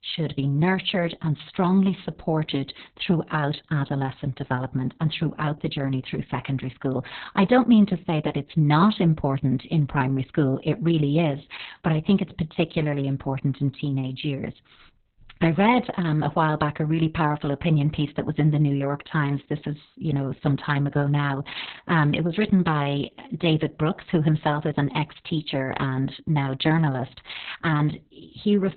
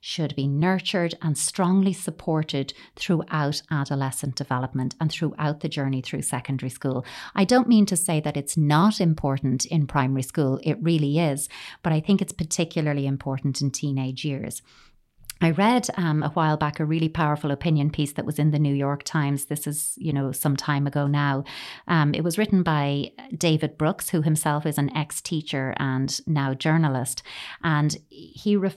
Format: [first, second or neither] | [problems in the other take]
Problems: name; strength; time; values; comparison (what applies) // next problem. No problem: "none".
second | garbled, watery; badly; nothing above 4 kHz